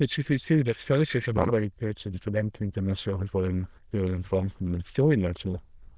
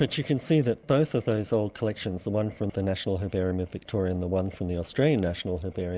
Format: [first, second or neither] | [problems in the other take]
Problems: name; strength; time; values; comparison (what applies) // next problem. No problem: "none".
second | noise reduction (neural diffusion model UNIVERSE++)